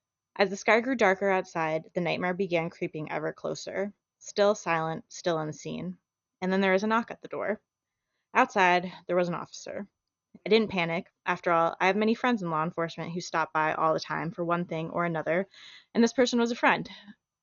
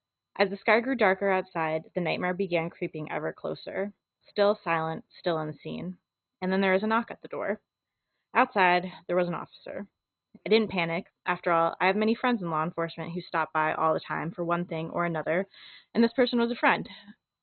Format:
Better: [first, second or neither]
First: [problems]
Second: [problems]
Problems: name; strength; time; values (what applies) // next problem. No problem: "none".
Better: first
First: garbled, watery; slightly; nothing above 6.5 kHz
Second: garbled, watery; badly; nothing above 4 kHz